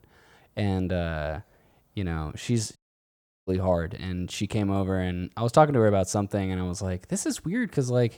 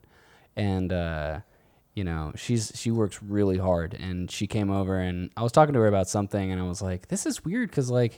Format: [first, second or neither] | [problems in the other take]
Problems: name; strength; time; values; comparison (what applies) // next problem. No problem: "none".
second | audio cutting out; at 3 s for 0.5 s